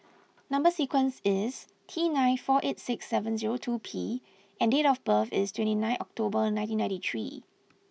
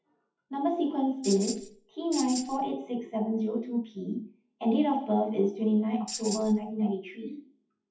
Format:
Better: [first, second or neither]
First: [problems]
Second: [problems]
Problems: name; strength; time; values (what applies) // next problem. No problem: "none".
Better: first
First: none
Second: noise reduction (classical method WPE with log-MMSE)